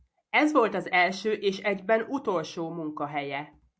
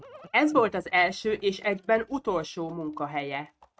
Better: first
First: none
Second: noise reduction (neural mask model RNNoise)

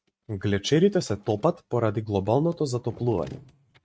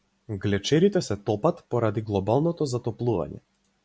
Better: second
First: noise reduction (neural mask model RNNoise)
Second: none

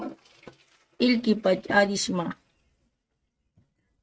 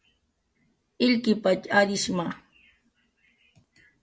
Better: second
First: noise reduction (neural mask model RNNoise)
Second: none

